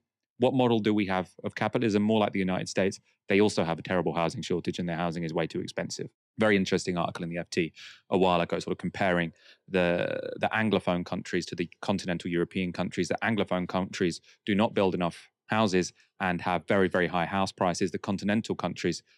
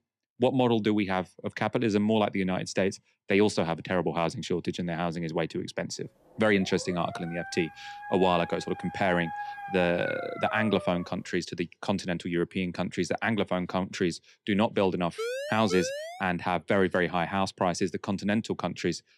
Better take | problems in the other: first | dog barking; noticeable; from 6.5 to 11 s; peak 7 dB below the speech // siren; noticeable; from 15 to 16 s; peak 5 dB below the speech

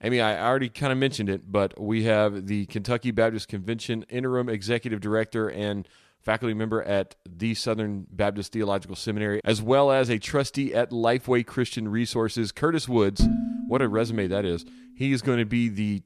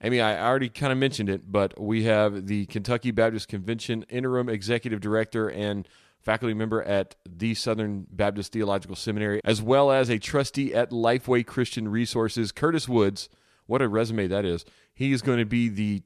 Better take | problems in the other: second | clattering dishes; loud; at 13 s; peak 1 dB above the speech

